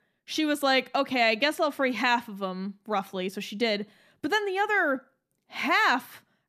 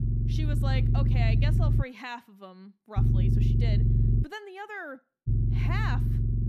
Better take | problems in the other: first | low rumble; loud; until 2 s, from 3 to 4 s and from 5.5 s on; 1 dB below the speech

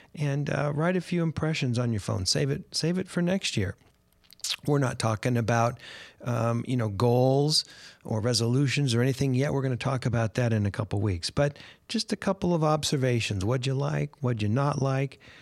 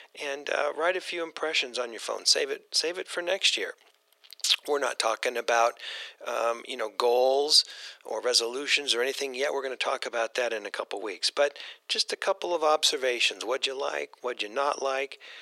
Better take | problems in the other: first | thin; very; fading below 400 Hz

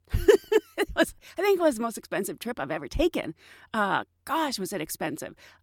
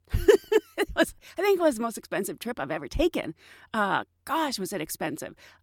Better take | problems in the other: neither | none

